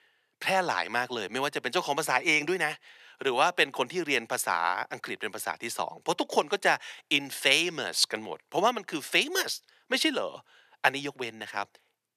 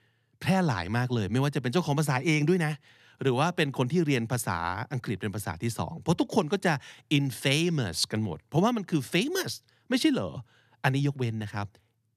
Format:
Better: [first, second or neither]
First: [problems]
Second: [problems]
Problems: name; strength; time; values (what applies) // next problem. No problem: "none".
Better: second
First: thin; very; fading below 550 Hz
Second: none